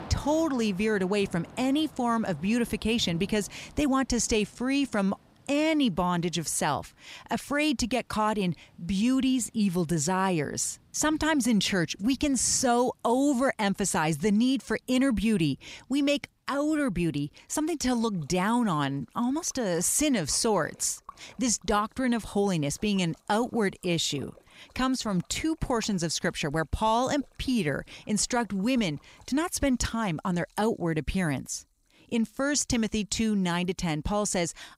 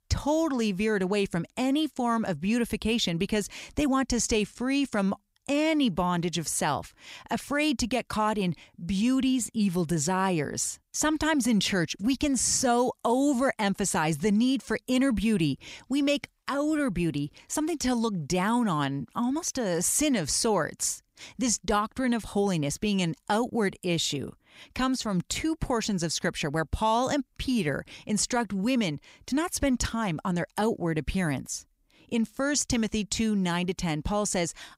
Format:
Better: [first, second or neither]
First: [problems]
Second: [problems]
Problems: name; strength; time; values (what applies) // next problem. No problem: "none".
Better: second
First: rain or running water; faint; throughout; 25 dB below the speech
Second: none